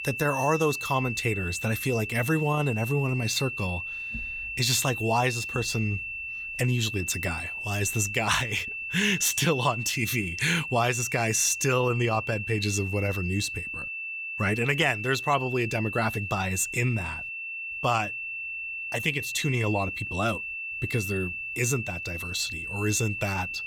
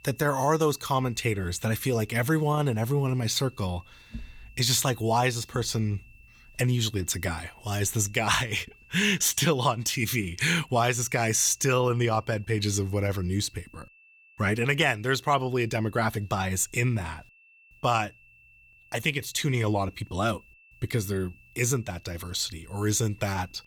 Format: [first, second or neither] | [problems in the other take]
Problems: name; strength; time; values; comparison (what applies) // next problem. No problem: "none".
second | high-pitched whine; loud; throughout; 2.5 kHz, 5 dB below the speech; faint in the second